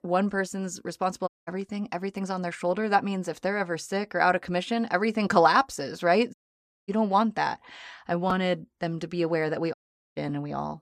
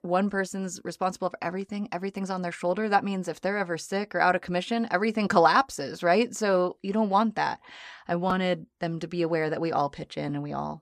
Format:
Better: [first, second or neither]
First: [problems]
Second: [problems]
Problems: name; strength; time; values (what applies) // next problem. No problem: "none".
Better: second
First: audio cutting out; at 1.5 s, at 6.5 s for 0.5 s and at 9.5 s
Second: none